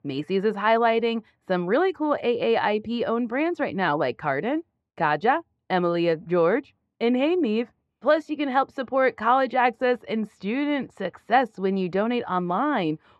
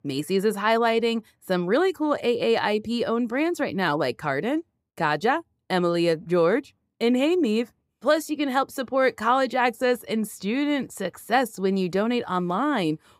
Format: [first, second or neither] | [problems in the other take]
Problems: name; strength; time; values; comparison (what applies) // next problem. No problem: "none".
second | muffled; slightly; fading above 2.5 kHz